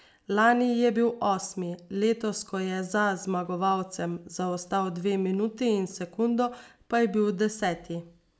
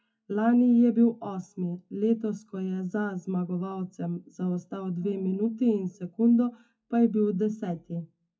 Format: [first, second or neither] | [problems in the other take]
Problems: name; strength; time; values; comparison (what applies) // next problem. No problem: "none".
first | noise reduction (classical method WPE with log-MMSE)